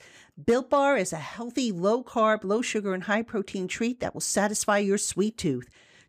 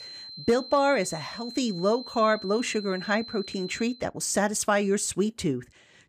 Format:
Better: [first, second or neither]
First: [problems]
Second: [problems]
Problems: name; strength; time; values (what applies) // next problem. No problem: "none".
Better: first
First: none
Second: high-pitched whine; noticeable; until 4 s; 4 kHz, 15 dB below the speech